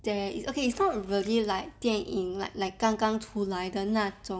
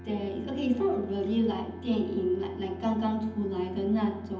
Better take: first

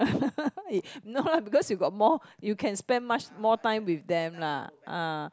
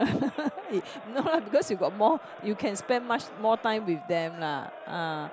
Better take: first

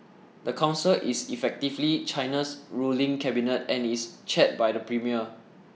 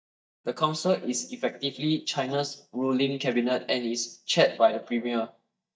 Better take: first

